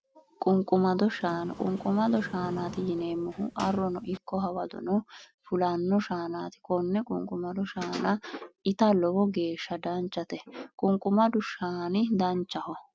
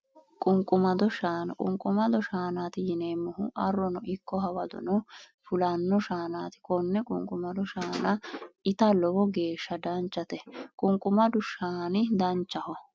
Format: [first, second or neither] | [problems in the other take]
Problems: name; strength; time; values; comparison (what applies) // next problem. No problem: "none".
second | background sound (Sliding door); 14 dB below the speech